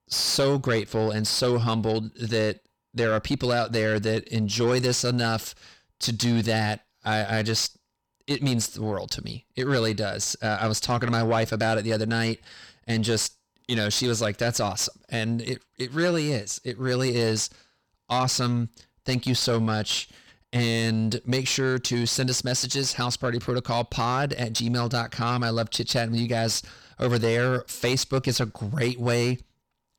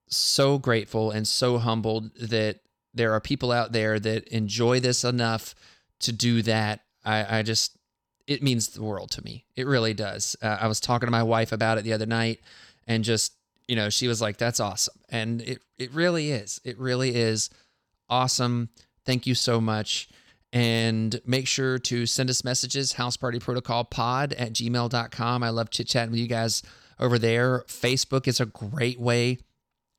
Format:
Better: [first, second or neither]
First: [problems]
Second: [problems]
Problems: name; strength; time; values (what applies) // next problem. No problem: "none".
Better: second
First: distortion; slight; 9 dB below the speech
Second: none